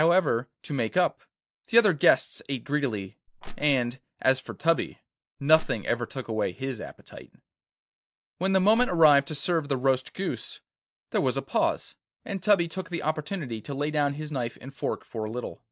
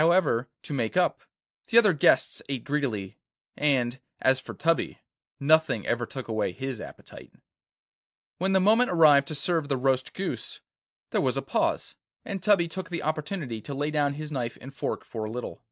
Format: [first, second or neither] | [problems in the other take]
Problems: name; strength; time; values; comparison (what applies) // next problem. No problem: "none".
second | background sound (Crushing); 11 dB below the speech